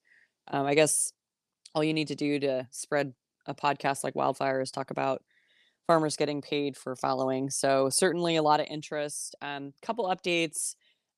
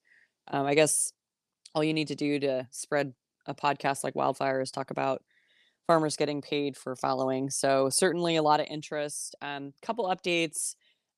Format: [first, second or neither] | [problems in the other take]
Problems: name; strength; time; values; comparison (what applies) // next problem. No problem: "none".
neither | none